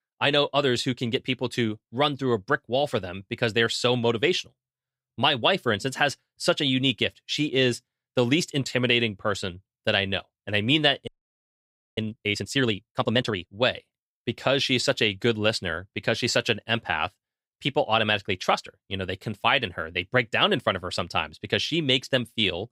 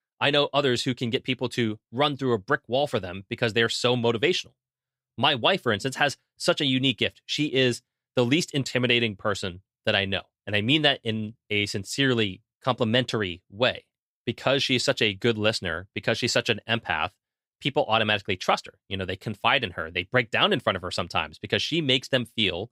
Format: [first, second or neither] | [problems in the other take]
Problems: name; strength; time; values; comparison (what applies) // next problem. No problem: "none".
second | audio freezing; at 11 s for 1 s